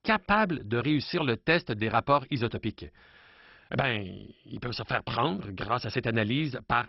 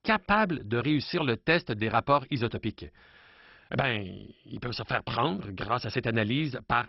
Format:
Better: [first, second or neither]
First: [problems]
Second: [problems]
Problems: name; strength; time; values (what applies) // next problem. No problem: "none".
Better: neither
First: garbled, watery; badly; nothing above 5.5 kHz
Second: garbled, watery; badly; nothing above 5.5 kHz